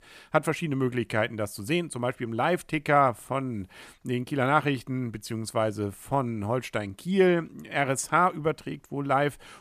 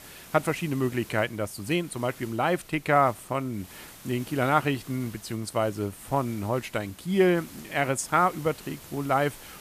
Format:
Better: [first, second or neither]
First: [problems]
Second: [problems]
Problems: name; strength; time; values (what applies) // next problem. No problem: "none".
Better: first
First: none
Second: hiss; noticeable; throughout; 20 dB below the speech